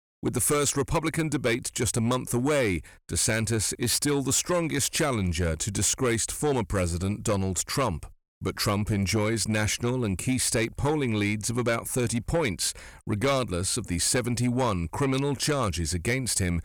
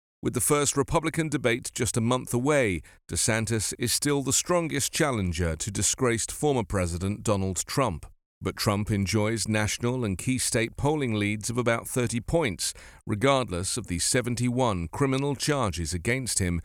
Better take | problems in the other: second | distortion; slight; 10 dB below the speech

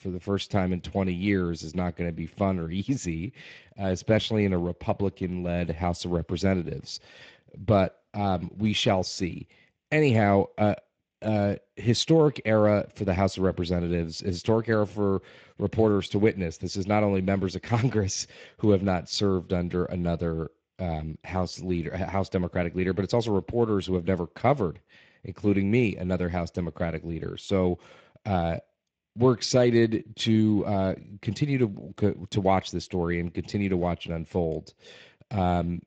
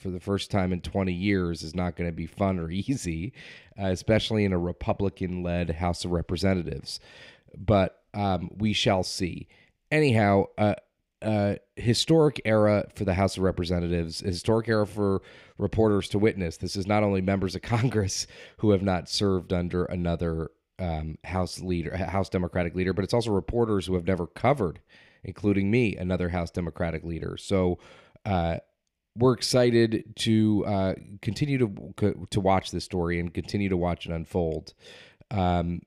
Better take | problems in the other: second | garbled, watery; slightly; nothing above 7.5 kHz

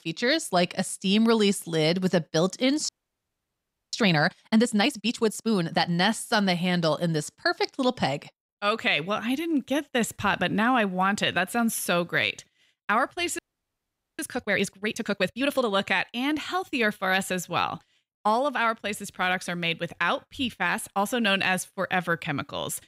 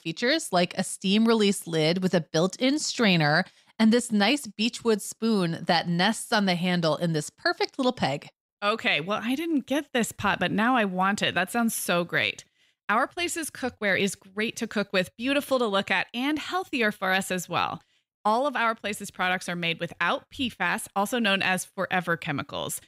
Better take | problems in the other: second | audio freezing; at 3 s for 1 s and at 13 s for 1 s

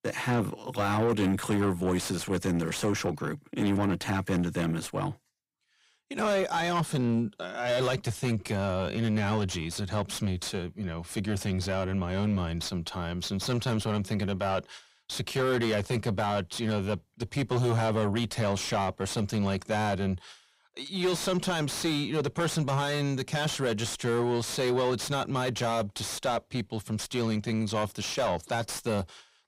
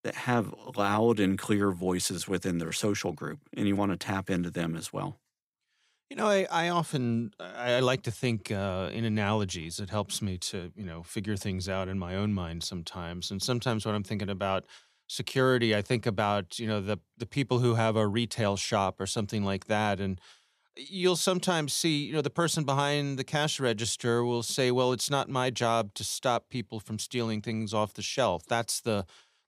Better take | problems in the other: second | distortion; heavy; 7 dB below the speech

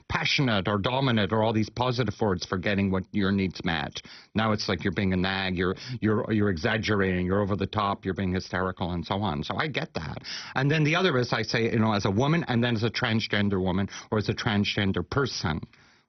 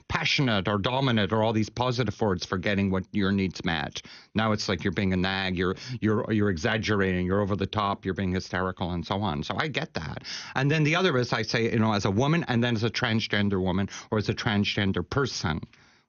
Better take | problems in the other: second | garbled, watery; badly; nothing above 6 kHz; slightly in the second

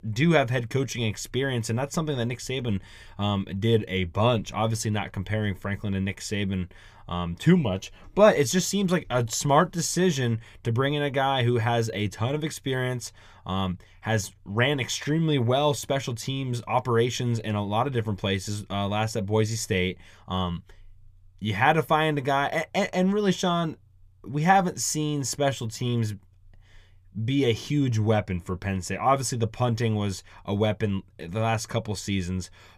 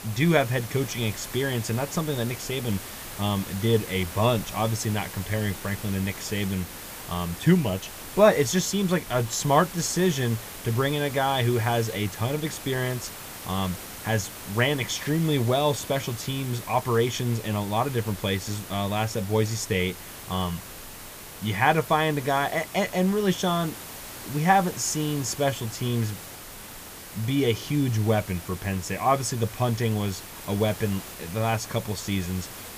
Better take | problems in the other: first | hiss; noticeable; throughout; 10 dB below the speech

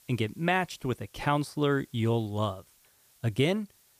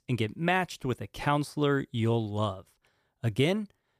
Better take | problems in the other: second | hiss; faint; throughout; 30 dB below the speech

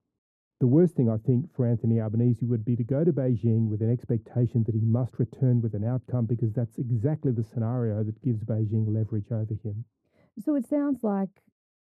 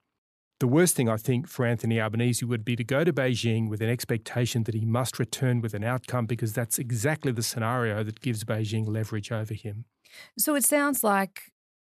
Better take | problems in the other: second | muffled; very; fading above 1 kHz

